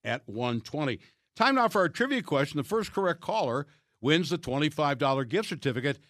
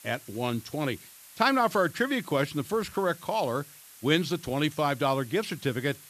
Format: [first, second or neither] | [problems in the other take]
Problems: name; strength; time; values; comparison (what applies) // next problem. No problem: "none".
first | hiss; noticeable; throughout; 20 dB below the speech